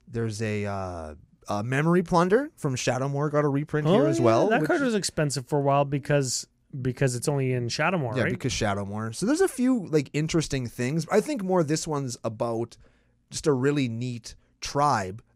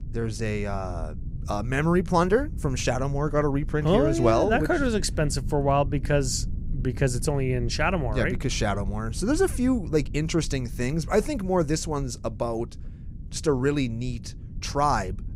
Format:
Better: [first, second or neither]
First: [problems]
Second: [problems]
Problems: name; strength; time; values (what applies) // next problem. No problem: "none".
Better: first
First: none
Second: low rumble; faint; throughout; 25 dB below the speech